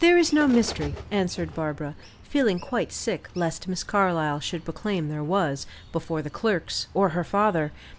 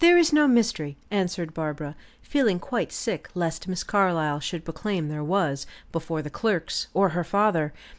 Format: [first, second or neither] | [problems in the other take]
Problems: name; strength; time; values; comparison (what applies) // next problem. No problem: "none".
second | background sound (Bird); 18 dB below the speech